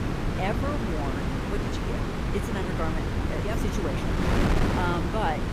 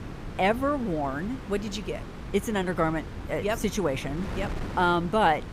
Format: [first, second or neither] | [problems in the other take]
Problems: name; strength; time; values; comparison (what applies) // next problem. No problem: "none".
second | wind noise on the microphone; heavy; 2 dB above the speech; occasional gusts in the second